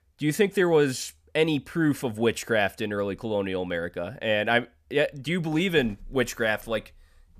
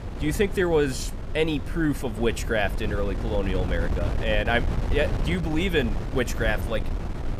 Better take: first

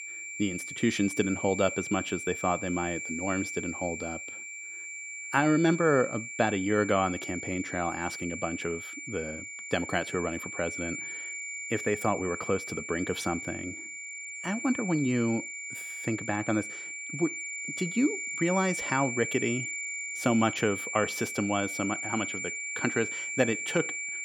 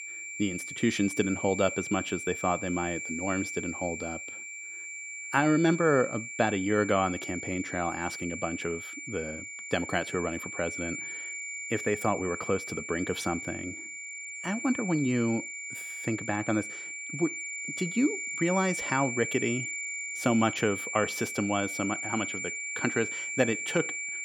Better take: neither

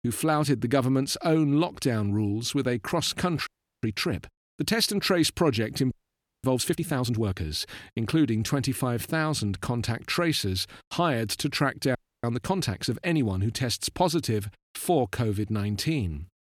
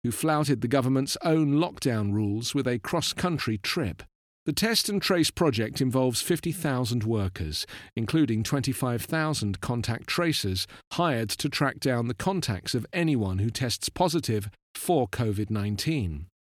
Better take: second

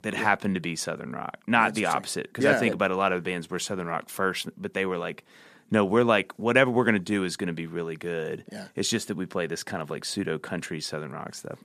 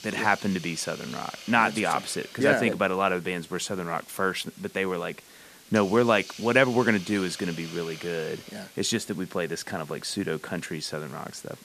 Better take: first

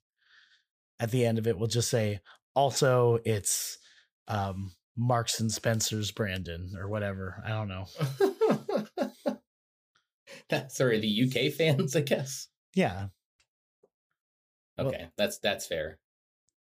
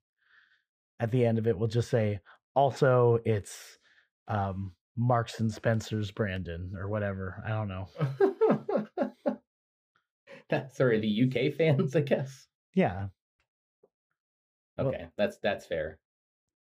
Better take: first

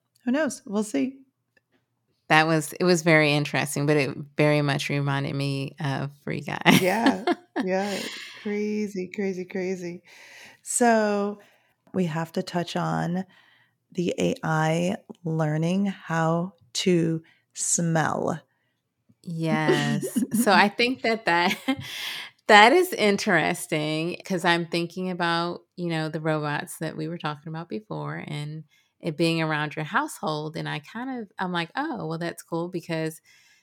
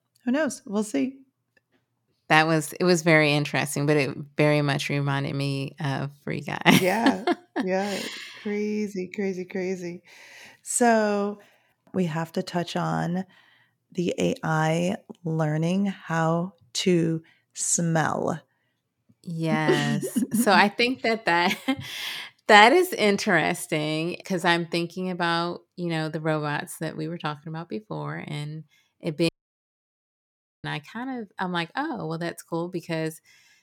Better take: first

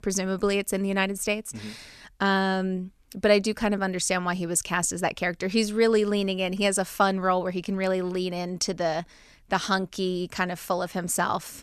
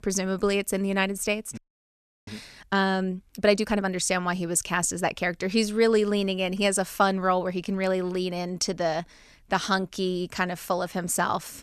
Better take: first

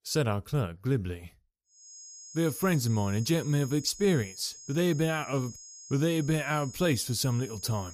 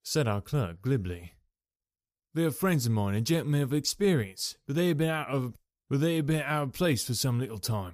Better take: second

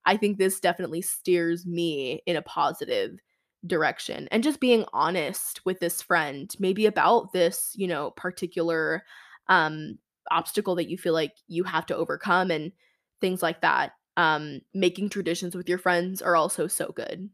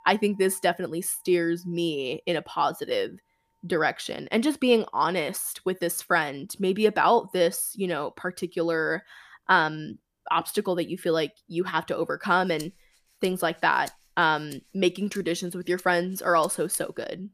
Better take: first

